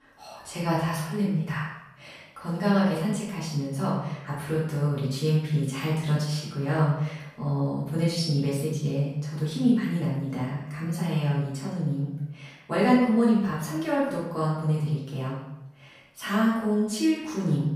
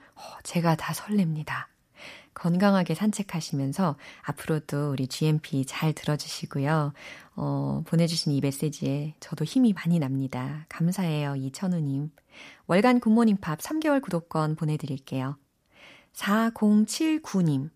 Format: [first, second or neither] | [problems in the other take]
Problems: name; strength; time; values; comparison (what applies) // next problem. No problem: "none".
second | room echo; noticeable; dies away in 0.7 s // off-mic speech; far